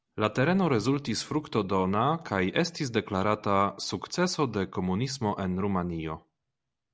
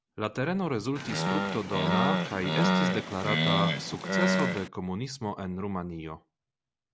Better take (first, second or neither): first